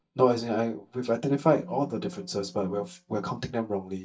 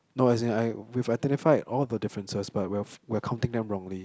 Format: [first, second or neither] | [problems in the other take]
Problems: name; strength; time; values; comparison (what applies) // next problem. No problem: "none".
second | noise reduction (neural mask model DeepFilterNet 3)